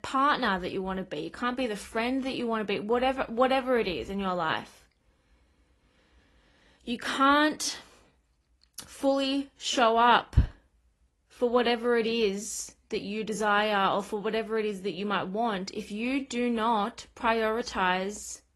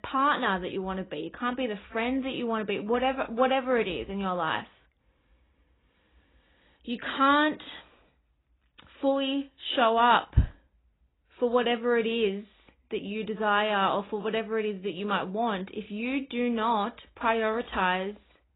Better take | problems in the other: first | garbled, watery; badly; nothing above 4 kHz; slightly in the first

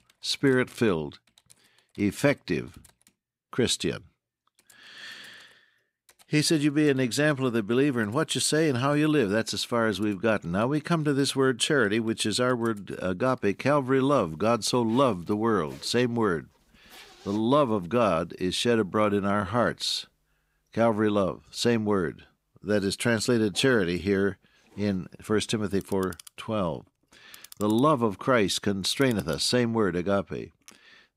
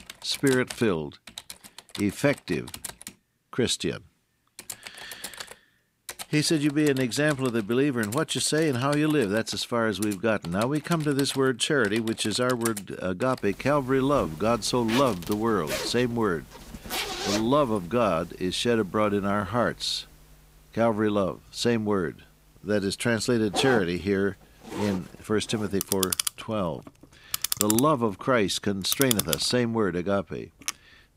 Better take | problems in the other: first | household noises; loud; throughout; 8 dB below the speech; faint in the first

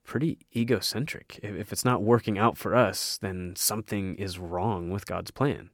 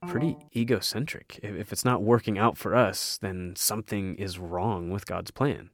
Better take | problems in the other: first | phone ringing; noticeable; at the start; peak 9 dB below the speech

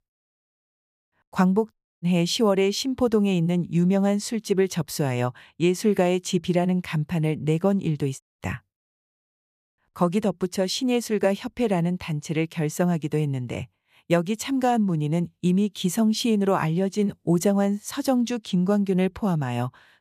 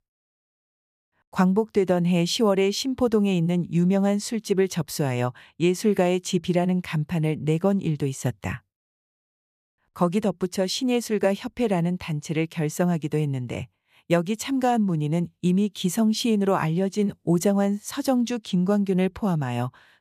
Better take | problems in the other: second | audio cutting out; at 1.5 s and at 8 s

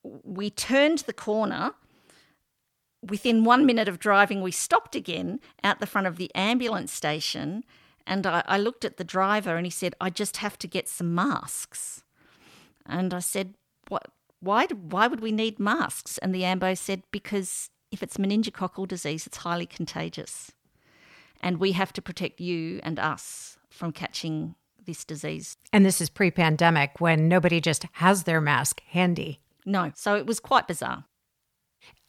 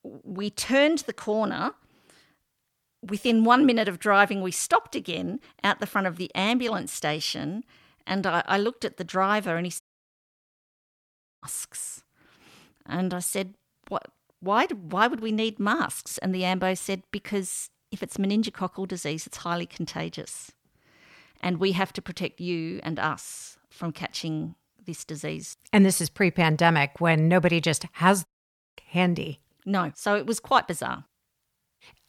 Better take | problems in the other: first | audio cutting out; at 10 s for 1.5 s and at 28 s for 0.5 s

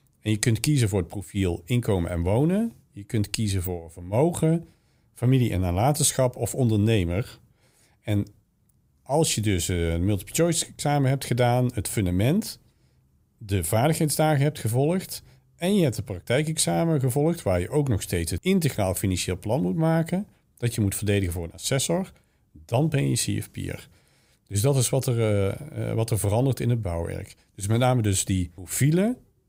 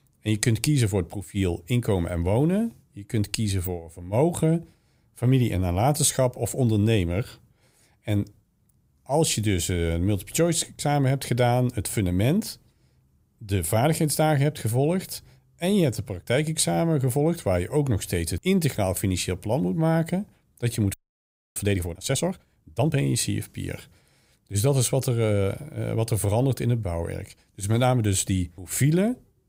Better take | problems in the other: first | audio freezing; at 21 s for 0.5 s

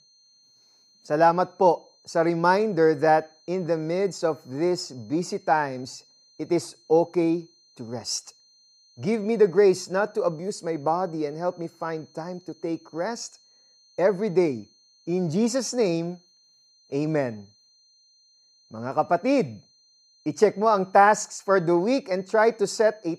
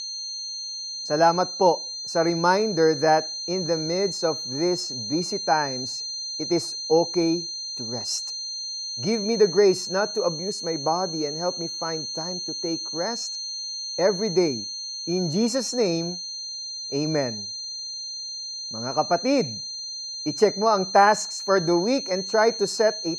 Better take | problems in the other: first | high-pitched whine; loud; throughout; 4 kHz, 6 dB below the speech; faint in the first

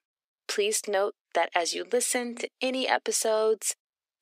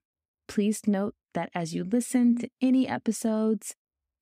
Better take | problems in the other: second | thin; very; fading below 400 Hz

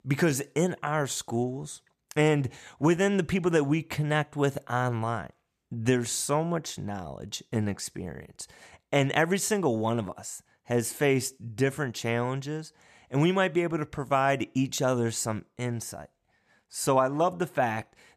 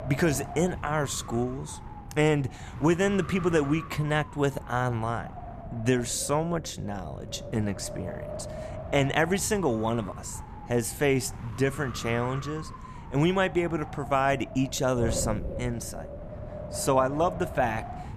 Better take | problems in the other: first | wind noise on the microphone; occasional gusts; 10 dB below the speech

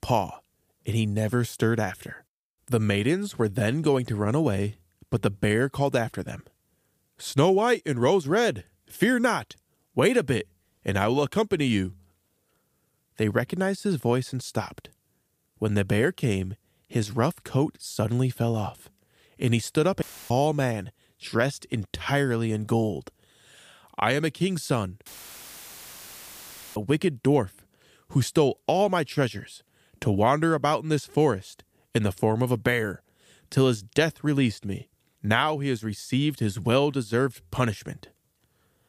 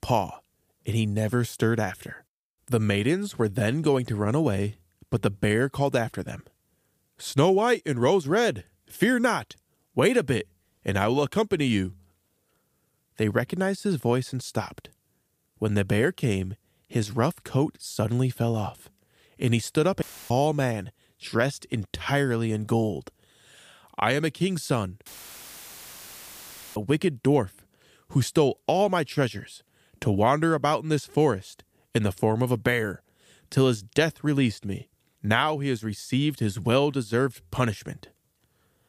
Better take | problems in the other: neither | audio cutting out; filled with static; at 20 s and at 25 s for 1.5 s; the same in both

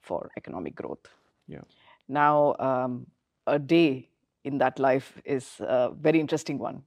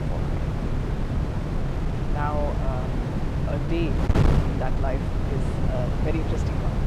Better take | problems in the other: first | wind noise on the microphone; heavy; as loud as the speech

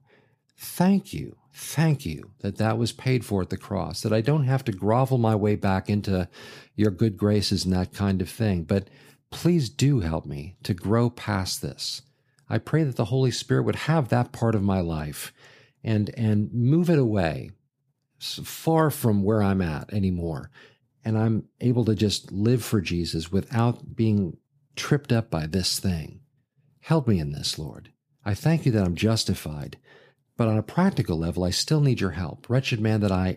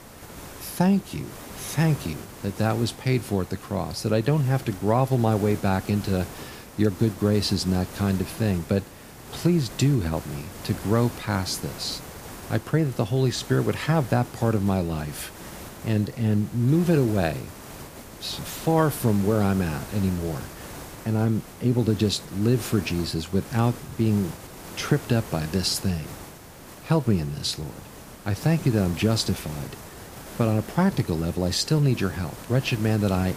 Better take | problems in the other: first | hiss; noticeable; throughout; 15 dB below the speech

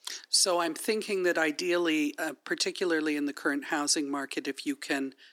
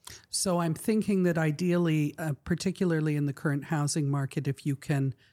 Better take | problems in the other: second | thin; somewhat; fading below 300 Hz

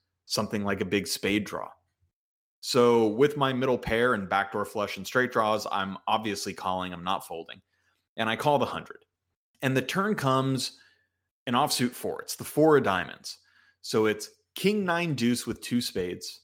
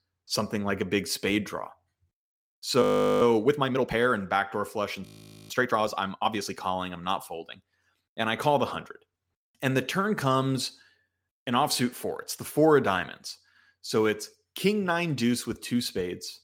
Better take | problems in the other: first | audio freezing; at 3 s and at 5 s

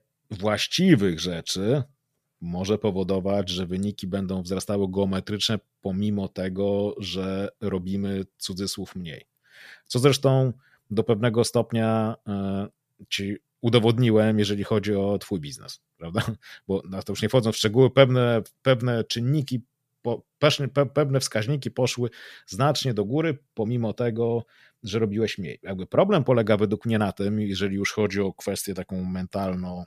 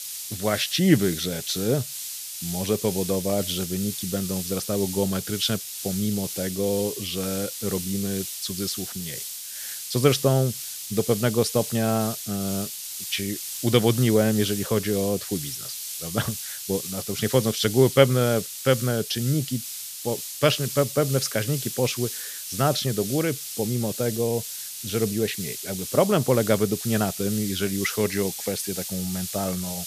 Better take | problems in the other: first | hiss; loud; throughout; 6 dB below the speech

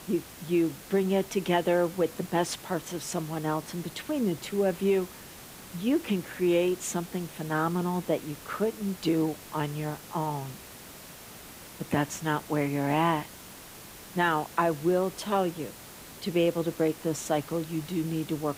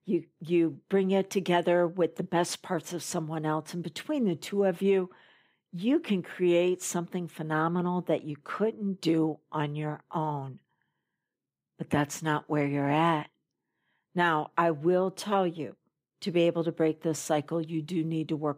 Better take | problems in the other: second | hiss; noticeable; throughout; 15 dB below the speech

